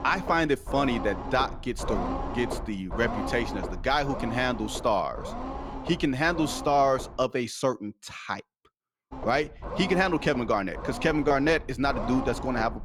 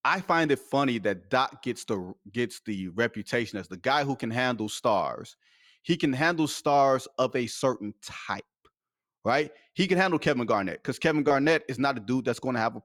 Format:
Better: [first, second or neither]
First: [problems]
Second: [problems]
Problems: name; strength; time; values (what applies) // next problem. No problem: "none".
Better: second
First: low rumble; loud; until 7 s and from 9 s on; 10 dB below the speech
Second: none